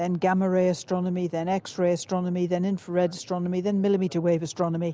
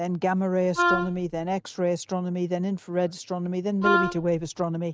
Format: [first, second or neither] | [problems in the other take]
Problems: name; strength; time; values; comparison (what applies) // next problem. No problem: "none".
first | noise reduction (neural mask model RNNoise)